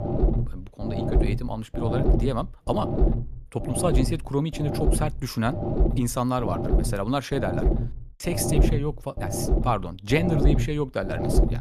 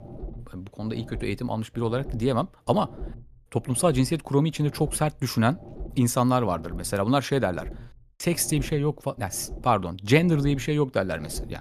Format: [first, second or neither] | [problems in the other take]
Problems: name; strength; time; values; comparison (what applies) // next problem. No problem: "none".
second | low rumble; loud; throughout; 3 dB below the speech; faint in the second